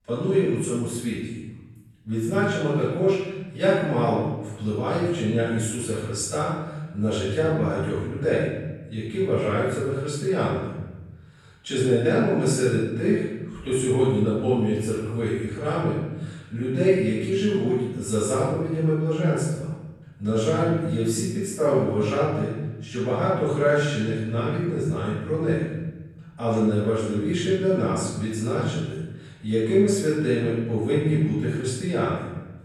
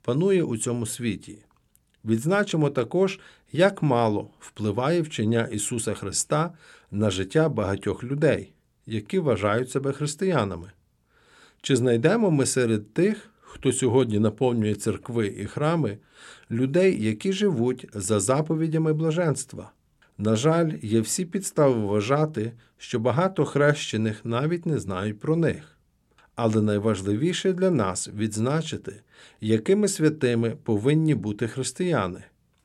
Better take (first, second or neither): second